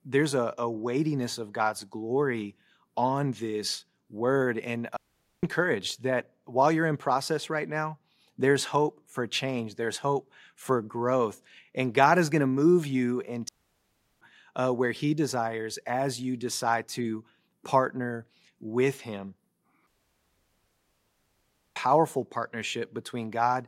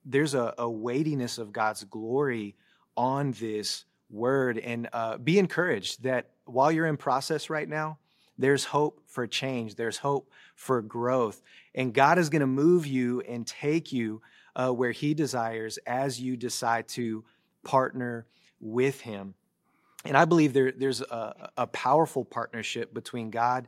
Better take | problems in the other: second | audio cutting out; at 5 s, at 13 s for 0.5 s and at 20 s for 2 s

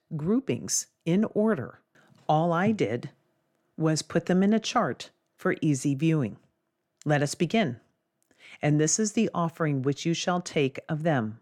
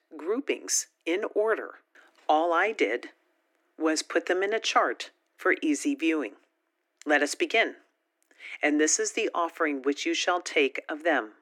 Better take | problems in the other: first | thin; somewhat; fading below 300 Hz

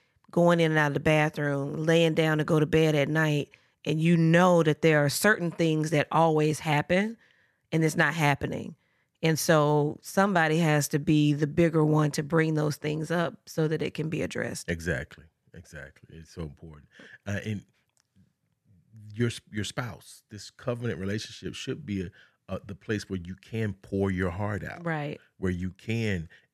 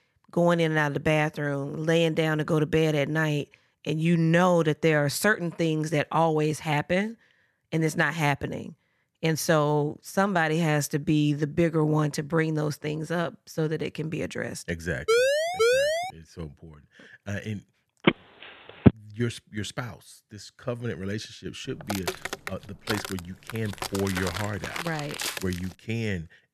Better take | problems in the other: first | siren; loud; from 15 to 16 s; peak 5 dB above the speech // phone ringing; loud; at 18 s; peak 5 dB above the speech // footsteps; noticeable; from 22 to 26 s; peak 4 dB below the speech

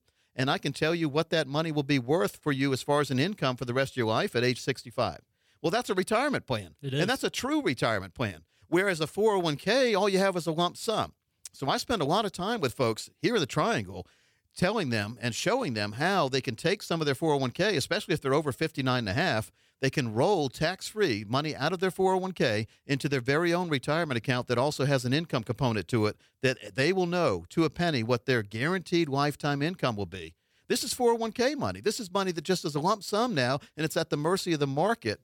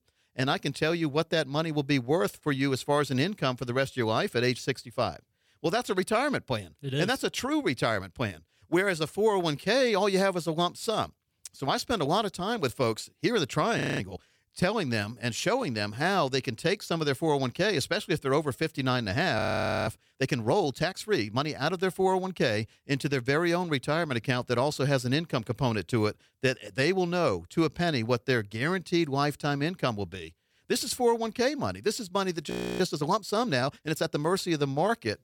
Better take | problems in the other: first | audio freezing; at 14 s, at 19 s and at 33 s

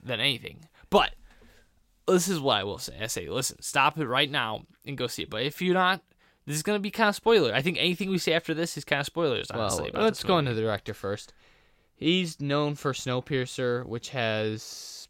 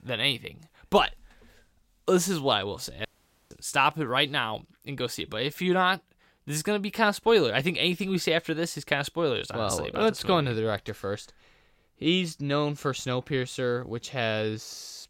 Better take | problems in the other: first | audio cutting out; at 3 s

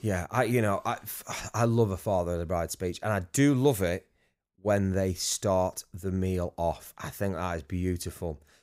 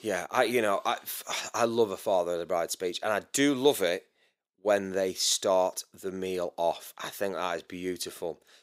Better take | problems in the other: first | thin; somewhat; fading below 400 Hz

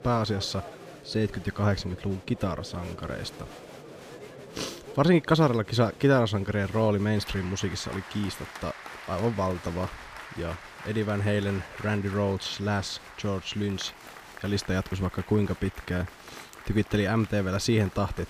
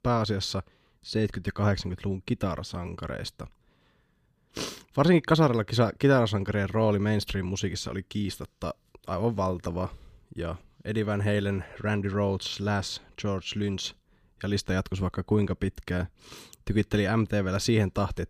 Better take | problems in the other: second | crowd noise; noticeable; throughout; 15 dB below the speech

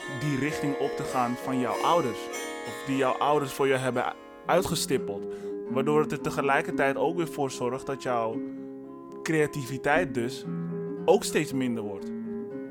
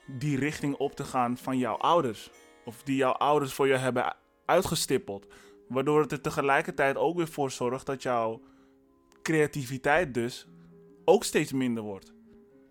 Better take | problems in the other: second | background music; loud; throughout; 9 dB below the speech; faint in the second

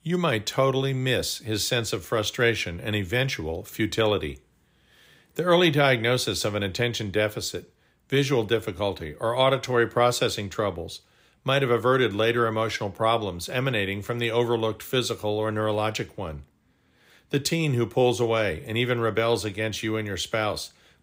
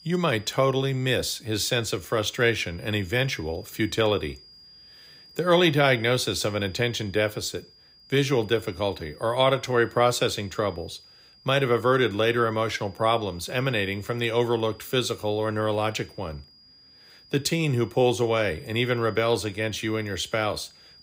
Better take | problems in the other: first | high-pitched whine; faint; throughout; 5 kHz, 25 dB below the speech

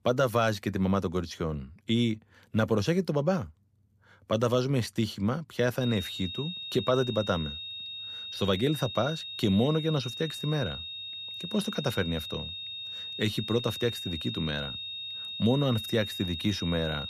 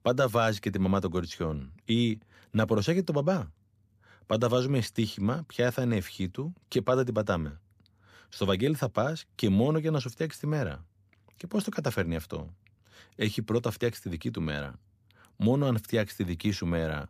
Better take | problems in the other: second | high-pitched whine; loud; from 6 s on; 3.5 kHz, 6 dB below the speech

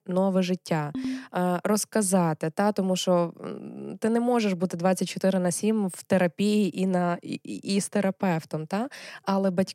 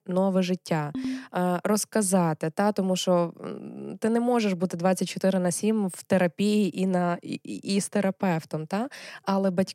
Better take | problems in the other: neither | phone ringing; noticeable; at 1 s; peak 7 dB below the speech; the same in both

